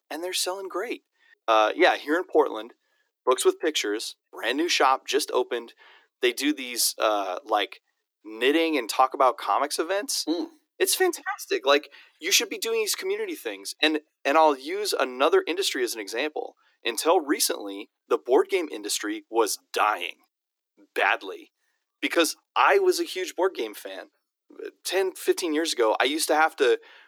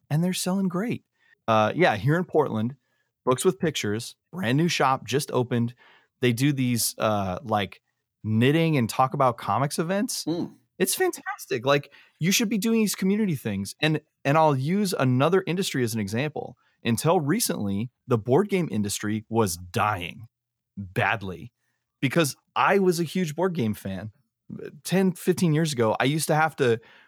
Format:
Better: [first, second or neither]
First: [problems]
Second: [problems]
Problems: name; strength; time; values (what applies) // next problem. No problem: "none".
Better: second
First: thin; very; fading below 300 Hz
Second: none